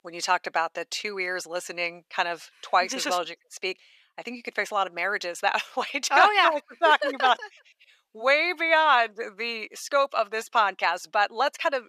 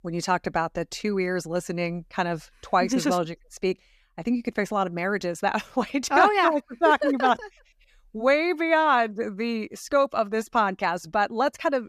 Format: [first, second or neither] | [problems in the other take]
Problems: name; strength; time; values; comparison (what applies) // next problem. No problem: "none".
second | thin; very; fading below 600 Hz